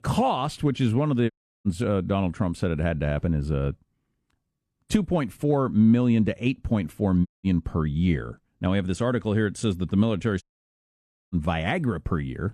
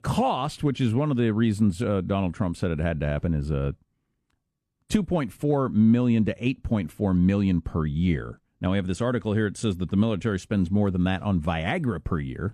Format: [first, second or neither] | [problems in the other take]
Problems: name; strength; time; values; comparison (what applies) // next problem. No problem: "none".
second | audio cutting out; at 1.5 s, at 7.5 s and at 10 s for 1 s